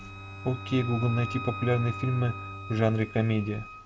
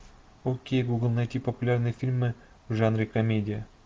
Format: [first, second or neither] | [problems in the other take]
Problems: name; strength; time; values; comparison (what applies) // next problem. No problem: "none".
second | background sound (Wind instrument, woodwind instrument + Bowed string instrument); 10 dB below the speech